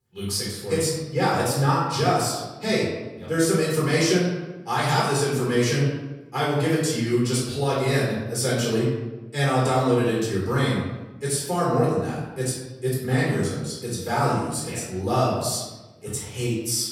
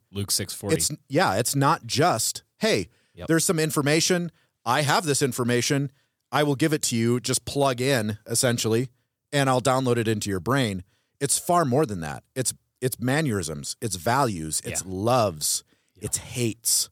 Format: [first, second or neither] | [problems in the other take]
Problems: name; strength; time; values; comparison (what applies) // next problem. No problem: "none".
second | off-mic speech; far // room echo; noticeable; dies away in 1 s